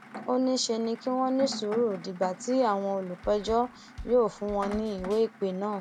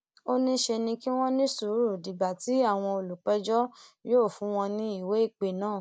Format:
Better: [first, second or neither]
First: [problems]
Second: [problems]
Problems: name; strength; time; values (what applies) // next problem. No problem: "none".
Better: second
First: background sound (Drum kit + Rain); 15 dB below the speech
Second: none